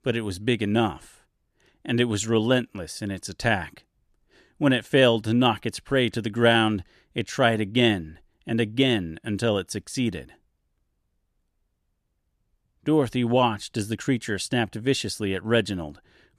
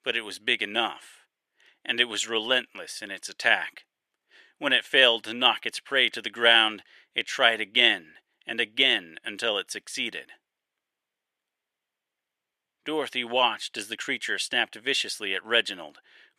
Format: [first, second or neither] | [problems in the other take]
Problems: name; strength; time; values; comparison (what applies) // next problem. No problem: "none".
first | thin; very; fading below 550 Hz